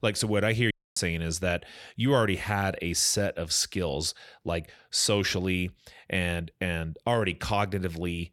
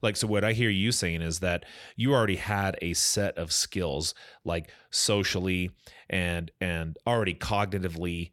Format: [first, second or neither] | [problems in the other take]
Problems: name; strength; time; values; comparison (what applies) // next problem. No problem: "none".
second | audio cutting out; at 0.5 s